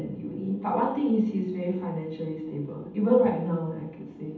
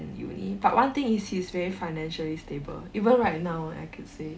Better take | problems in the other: second | room echo; dies away in 0.8 s

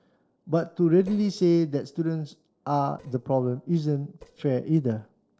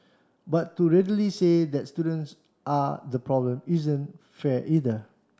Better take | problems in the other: second | noise reduction (neural separator model SepFormer DNS4)

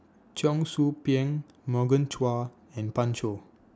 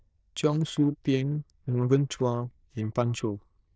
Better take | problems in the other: first | noise reduction (neural diffusion model UNIVERSE++)

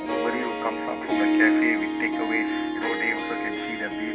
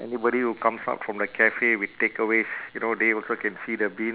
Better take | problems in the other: second | background sound (Harp); 4 dB above the speech // room echo; dies away in 0.4 s

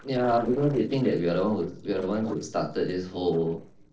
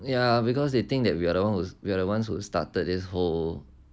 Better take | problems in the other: second | noise reduction (neural separator model SepFormer DNS4)

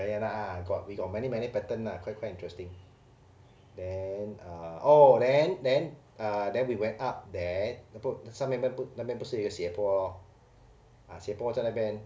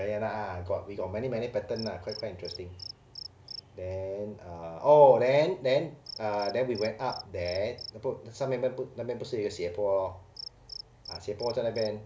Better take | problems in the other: first | background sound (Cricket); 19 dB below the speech

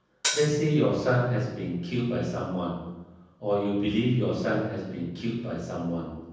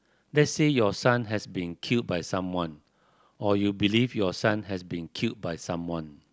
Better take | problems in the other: second | background sound (Hi-hat); 3 dB below the speech // room echo; dies away in 1.1 s

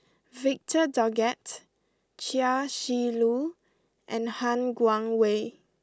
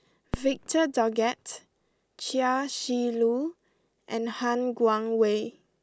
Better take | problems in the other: first | background sound (Fireworks); 16 dB below the speech

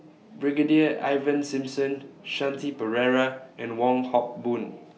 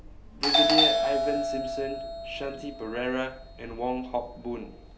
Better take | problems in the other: first | background sound (Doorbell); 4 dB above the speech

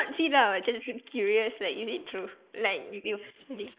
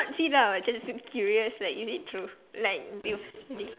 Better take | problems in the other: second | noise reduction (neural mask model Resemble Enhance denoiser)

